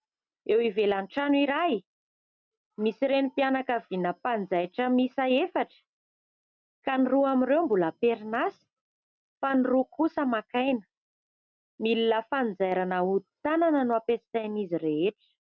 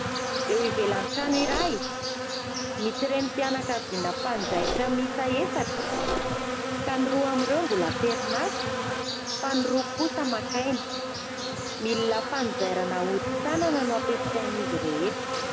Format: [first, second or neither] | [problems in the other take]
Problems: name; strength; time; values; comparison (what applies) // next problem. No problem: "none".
first | background sound (Mechanisms + Insect); 1 dB below the speech